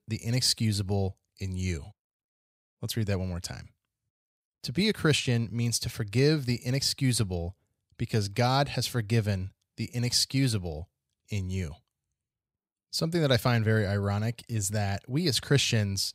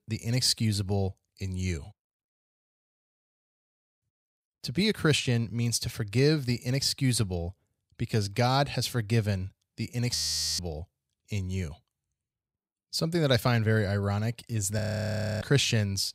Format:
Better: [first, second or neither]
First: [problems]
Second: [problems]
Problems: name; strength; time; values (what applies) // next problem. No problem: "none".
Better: first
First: none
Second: audio freezing; at 2.5 s for 1.5 s, at 10 s and at 15 s for 0.5 s